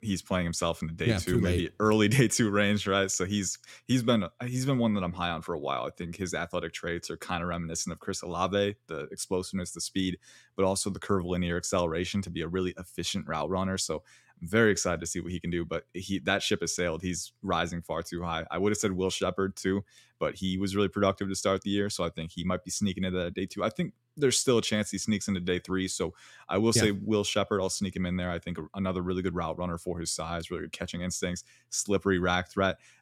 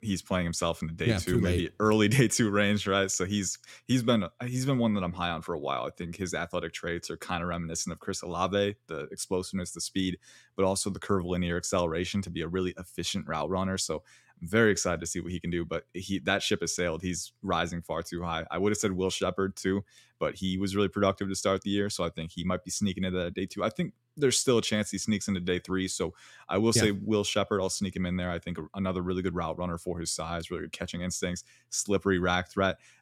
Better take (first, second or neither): neither